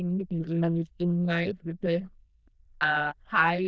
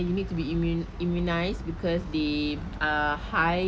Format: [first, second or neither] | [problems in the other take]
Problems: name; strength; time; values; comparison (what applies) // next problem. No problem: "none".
second | noise reduction (neural diffusion model UNIVERSE++)